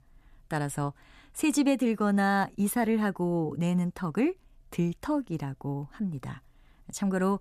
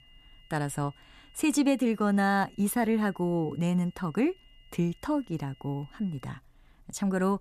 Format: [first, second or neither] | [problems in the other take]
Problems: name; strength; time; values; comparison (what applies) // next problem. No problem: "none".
first | high-pitched whine; faint; until 6.5 s; 3 kHz, 30 dB below the speech